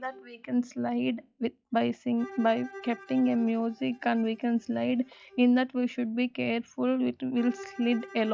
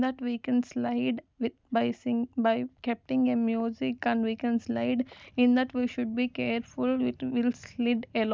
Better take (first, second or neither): second